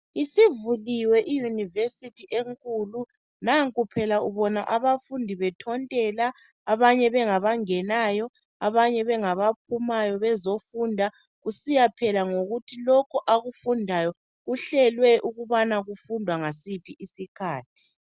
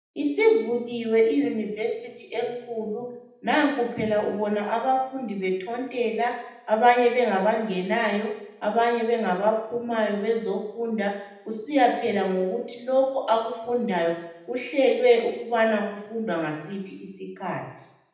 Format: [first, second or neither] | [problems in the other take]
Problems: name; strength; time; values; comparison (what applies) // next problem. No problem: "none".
first | room echo; dies away in 0.8 s